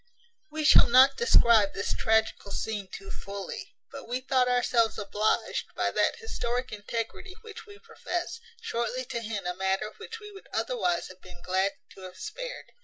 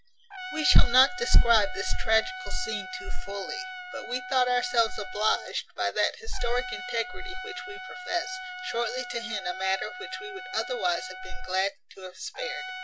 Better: first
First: none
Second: background sound (Trumpet); 14 dB below the speech

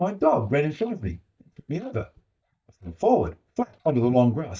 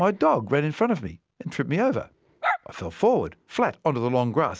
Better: second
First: noise reduction (neural mask model DeepFilterNet 3)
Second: none

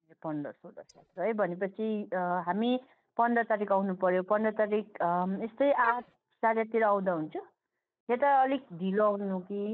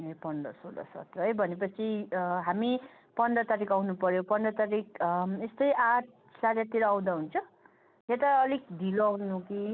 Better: second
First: noise reduction (neural mask model DeepFilterNet 3)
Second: none

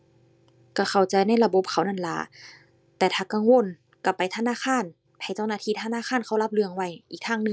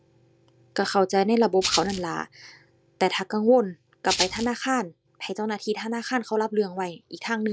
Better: first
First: none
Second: background sound (Rattle (instrument)); 3 dB below the speech

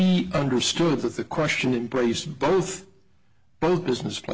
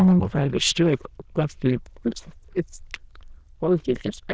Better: first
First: none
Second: noise reduction (neural diffusion model UNIVERSE++)

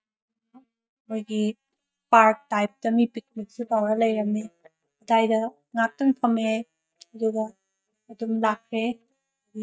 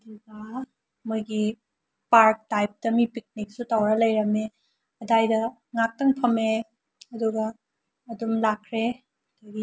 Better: second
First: noise reduction (neural mask model DeepFilterNet 3)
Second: none

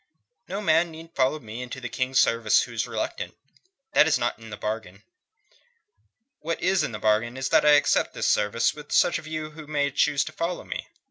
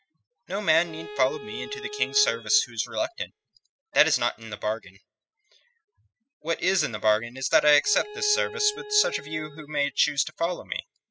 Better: first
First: none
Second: noise reduction (classical method spectral subtraction)

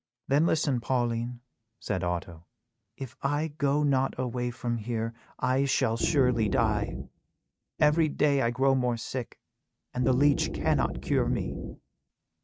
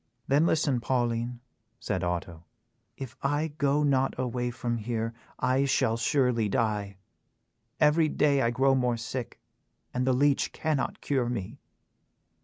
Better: second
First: noise reduction (neural mask model RNNoise)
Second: none

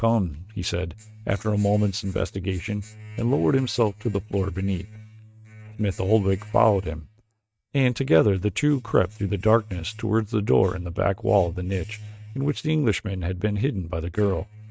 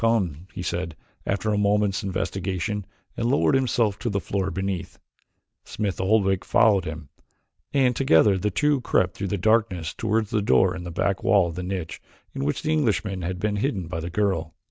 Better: second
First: noise reduction (neural mask model RNNoise)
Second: none

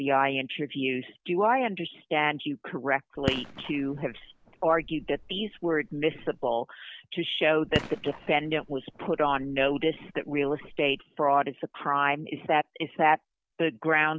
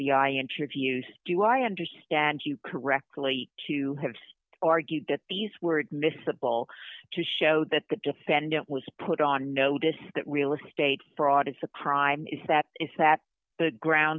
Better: second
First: background sound (Fireworks); 13 dB below the speech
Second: none

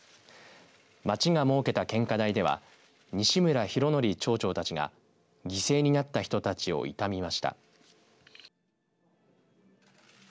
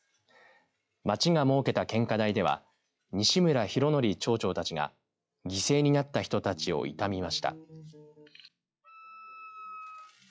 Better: first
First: none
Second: noise reduction (classical method log-MMSE)

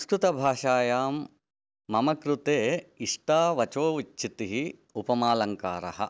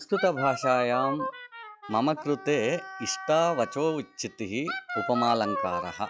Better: first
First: none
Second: noise reduction (classical method log-MMSE)

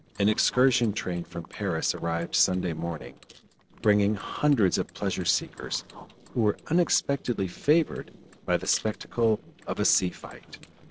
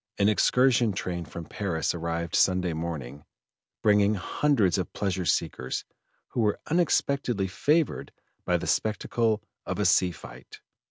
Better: second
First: noise reduction (neural separator model SepFormer DNS4)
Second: none

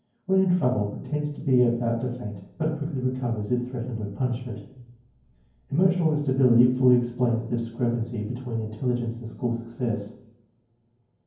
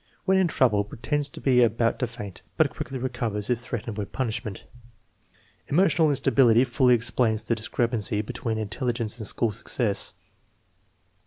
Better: second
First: room echo; dies away in 0.9 s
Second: none

